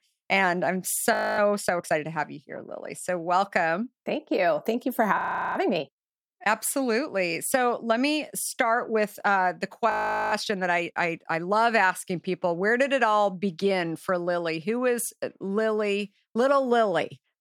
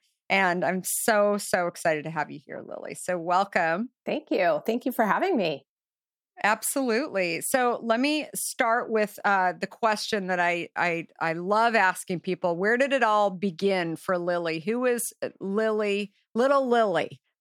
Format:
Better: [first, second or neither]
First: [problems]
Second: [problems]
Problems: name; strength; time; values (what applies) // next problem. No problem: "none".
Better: second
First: audio freezing; at 1 s, at 5 s and at 10 s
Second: none